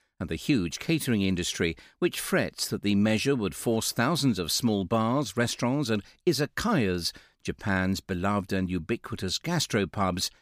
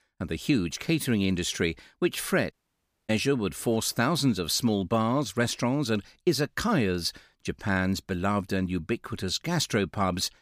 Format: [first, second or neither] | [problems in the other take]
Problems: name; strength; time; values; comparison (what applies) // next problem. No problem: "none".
first | audio cutting out; at 2.5 s for 0.5 s